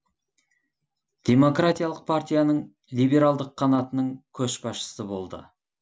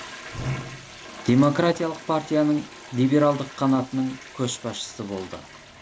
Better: first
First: none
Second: background sound (Toilet flush); 14 dB below the speech

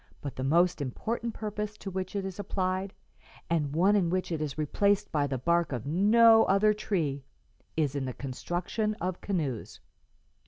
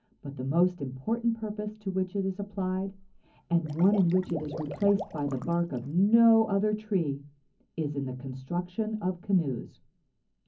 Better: first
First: none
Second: background sound (Water / Liquid); 14 dB below the speech // room echo; dies away in 0.4 s

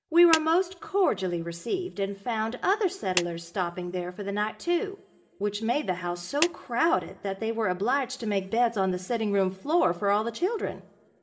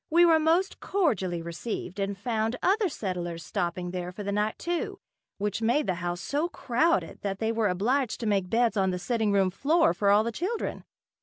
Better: second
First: background sound (Clapping); 10 dB below the speech // room echo; dies away in 0.8 s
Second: none

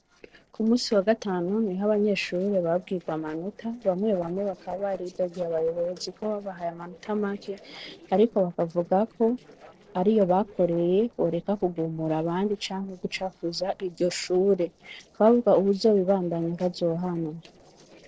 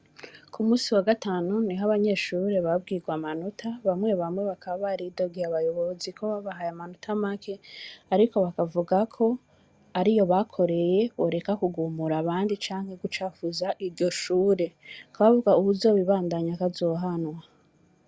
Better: second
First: noise reduction (neural separator model SepFormer DNS4)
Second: none

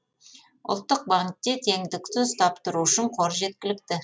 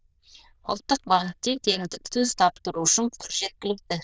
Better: first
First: none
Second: noise reduction (neural diffusion model UNIVERSE++)

